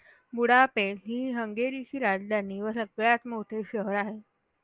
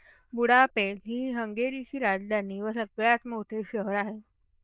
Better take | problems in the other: first | noise reduction (neural diffusion model UNIVERSE++)

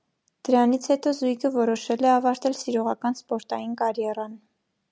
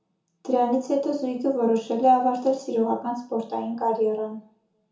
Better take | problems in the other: first | room echo; dies away in 0.6 s

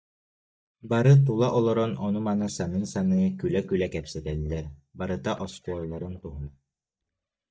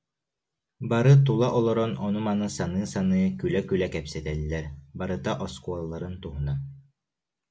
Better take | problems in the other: second | noise reduction (neural mask model DeepFilterNet 3)

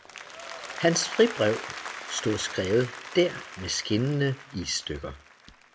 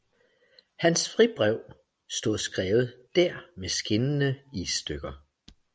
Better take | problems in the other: second | background sound (Applause); 12 dB below the speech

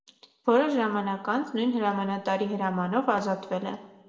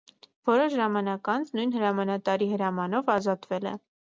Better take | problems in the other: second | room echo; dies away in 0.8 s

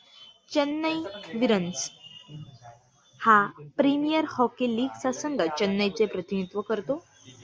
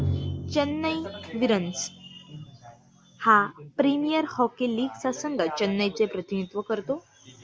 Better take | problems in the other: first | background sound (Drum); 11 dB below the speech

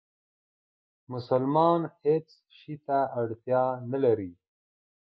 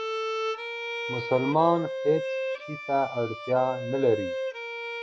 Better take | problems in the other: first | background sound (Bowed string instrument); 5 dB below the speech

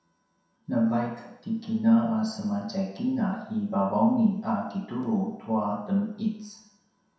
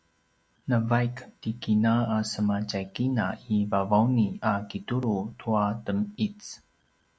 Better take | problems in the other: second | room echo; dies away in 0.7 s

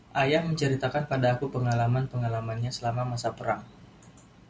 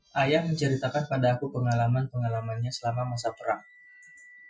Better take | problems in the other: first | noise reduction (classical method Wiener filter)

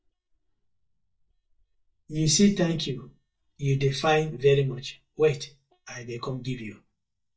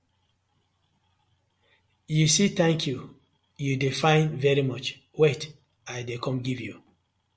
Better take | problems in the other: second | noise reduction (neural mask model DeepFilterNet 3)

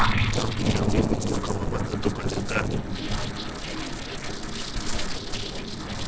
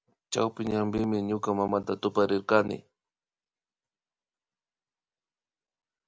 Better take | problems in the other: second | noise reduction (neural separator model SepFormer DNS4)

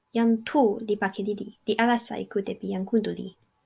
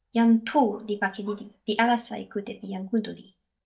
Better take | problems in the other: first | noise reduction (neural mask model DeepFilterNet 3)

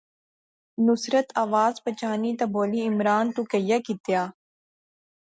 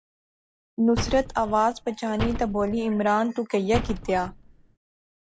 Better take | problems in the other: first | background sound (Slam); 8 dB below the speech

